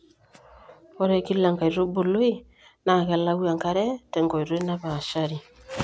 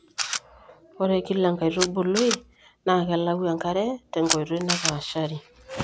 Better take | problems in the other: first | background sound (Camera); 8 dB below the speech

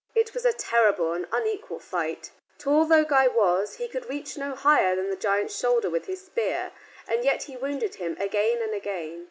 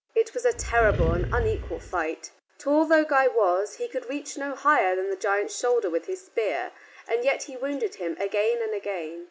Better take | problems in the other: first | background sound (Animal); 4 dB below the speech

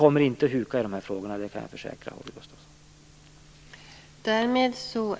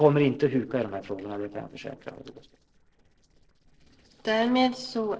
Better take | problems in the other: first | noise reduction (neural separator model SepFormer DNS4)

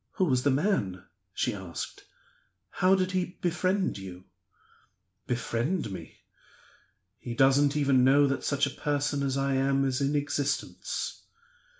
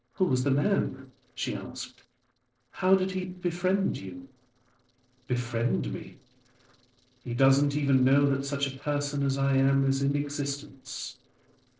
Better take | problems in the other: first | noise reduction (neural separator model SepFormer DNS4)

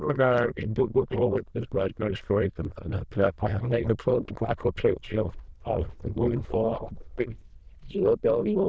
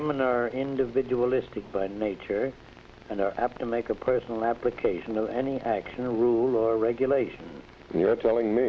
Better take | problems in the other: second | noise reduction (neural diffusion model UNIVERSE++)

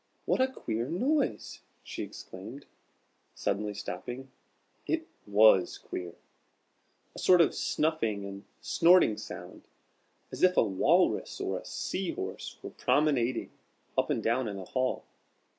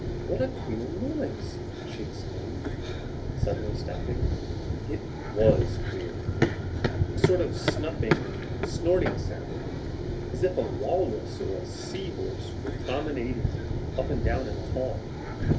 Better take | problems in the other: first | background sound (Run); 3 dB above the speech // room echo; dies away in 0.3 s

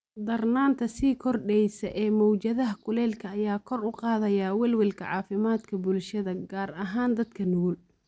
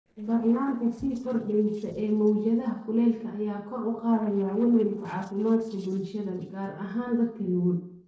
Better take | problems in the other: first | noise reduction (neural separator model SepFormer DNS4)

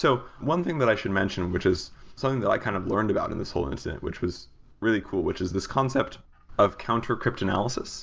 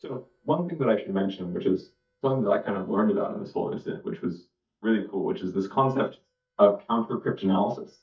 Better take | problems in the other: first | noise reduction (neural mask model DeepFilterNet 3)

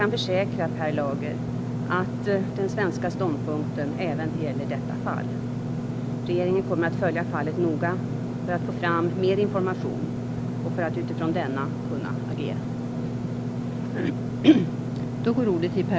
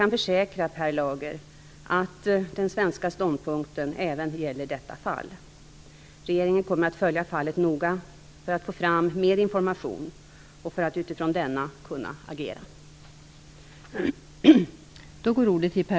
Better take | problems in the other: second | background sound (Engine / Mechanisms); 1 dB below the speech

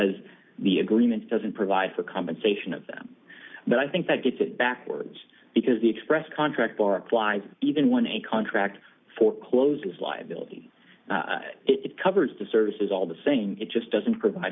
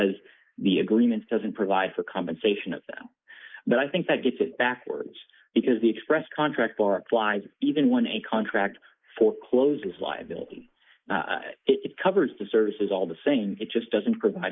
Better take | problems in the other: first | noise reduction (neural mask model Resemble Enhance denoiser)

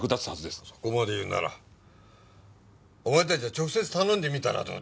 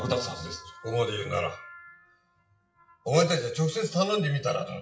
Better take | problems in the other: first | noise reduction (classical method WPE with log-MMSE)

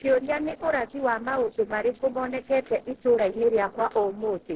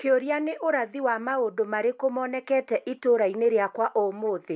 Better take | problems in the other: second | noise reduction (neural separator model SepFormer DNS4)

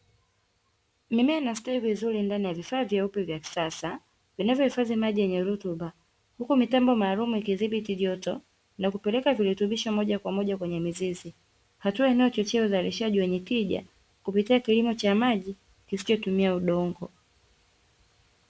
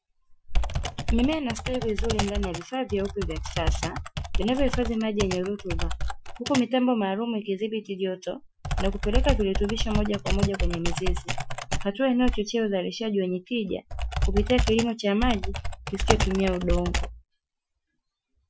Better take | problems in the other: first | noise reduction (classical method Wiener filter)

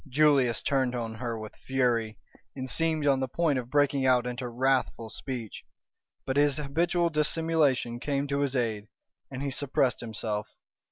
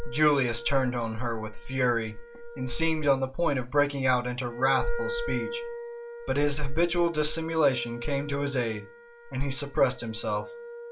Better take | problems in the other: first | background sound (Wind instrument, woodwind instrument); 13 dB below the speech // room echo; dies away in 0.2 s

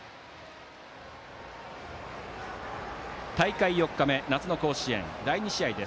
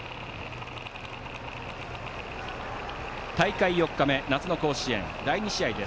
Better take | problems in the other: first | background sound (Mechanisms); 10 dB below the speech

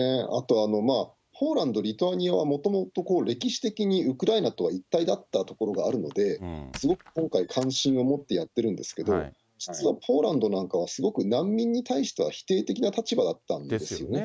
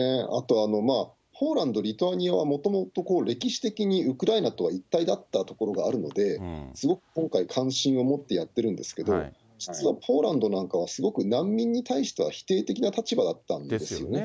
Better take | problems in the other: second | noise reduction (neural mask model RNNoise)

